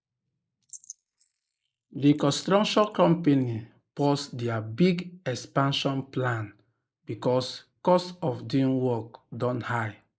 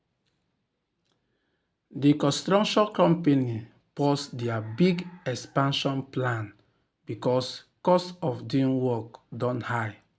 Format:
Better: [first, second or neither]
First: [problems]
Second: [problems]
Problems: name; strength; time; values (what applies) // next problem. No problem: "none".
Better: second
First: noise reduction (neural mask model Resemble Enhance denoiser)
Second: none